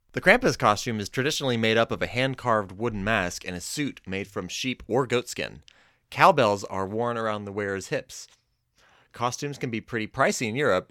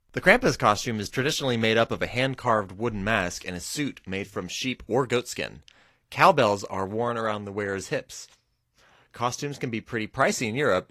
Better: first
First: none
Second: garbled, watery; slightly

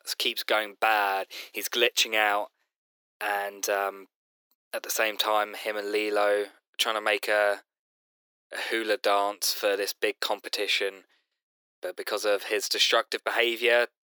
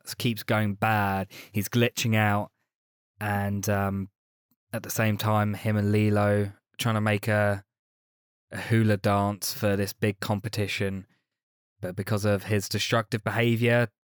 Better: second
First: thin; very; fading below 350 Hz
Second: none

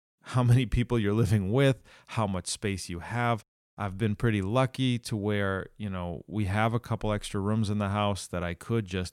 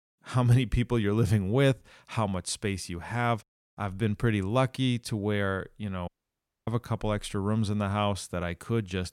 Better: first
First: none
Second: audio cutting out; at 6 s for 0.5 s

